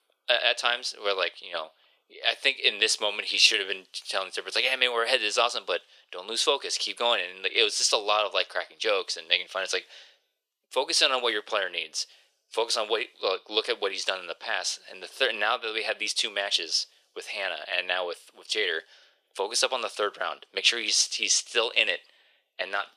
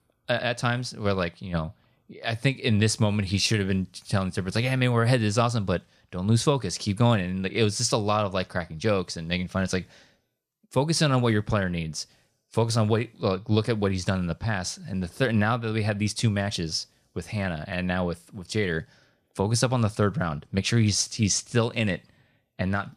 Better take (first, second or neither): second